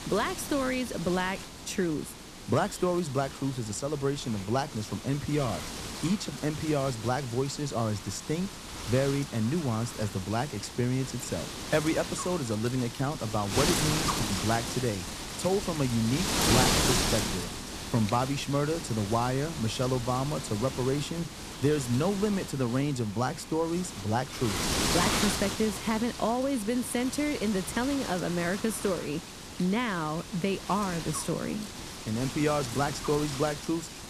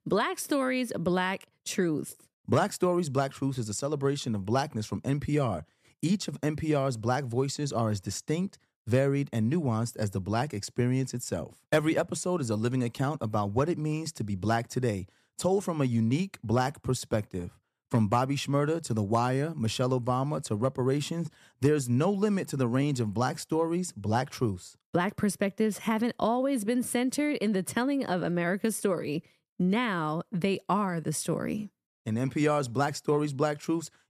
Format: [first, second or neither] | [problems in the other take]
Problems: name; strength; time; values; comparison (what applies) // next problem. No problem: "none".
second | wind noise on the microphone; heavy; 3 dB below the speech